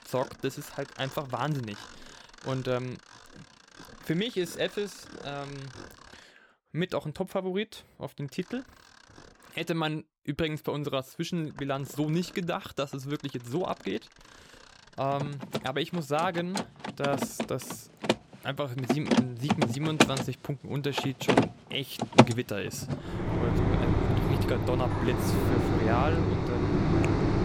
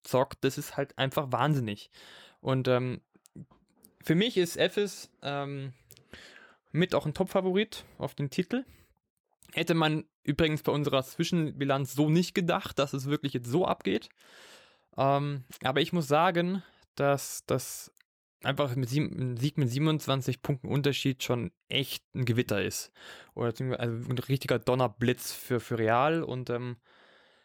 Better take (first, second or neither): second